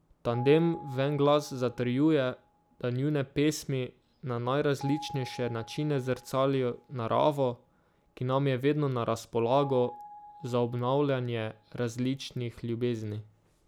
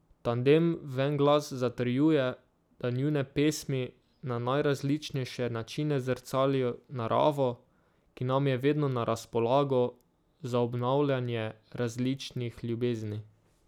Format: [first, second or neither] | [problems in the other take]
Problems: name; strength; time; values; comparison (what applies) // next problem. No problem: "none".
second | background sound (Piano); 19 dB below the speech